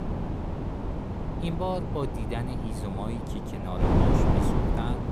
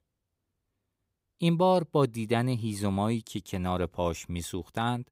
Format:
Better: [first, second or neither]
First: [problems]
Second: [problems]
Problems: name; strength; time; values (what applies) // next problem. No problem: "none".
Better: second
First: wind noise on the microphone; heavy; 3 dB above the speech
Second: none